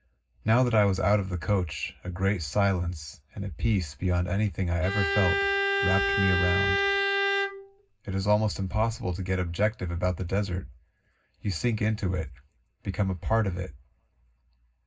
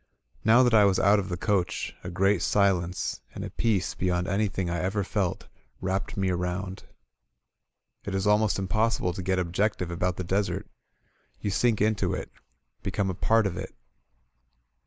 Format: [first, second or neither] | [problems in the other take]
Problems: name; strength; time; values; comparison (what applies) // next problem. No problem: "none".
second | background sound (Bowed string instrument); 1 dB above the speech // room echo; dies away in 0.4 s